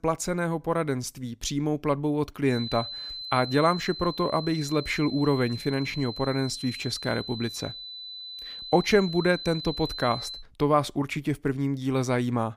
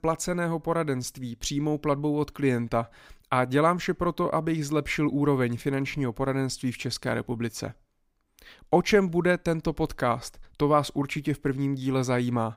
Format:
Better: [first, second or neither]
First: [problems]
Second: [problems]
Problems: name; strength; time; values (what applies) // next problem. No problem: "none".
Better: second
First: high-pitched whine; loud; from 2.5 to 10 s; 4 kHz, 9 dB below the speech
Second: none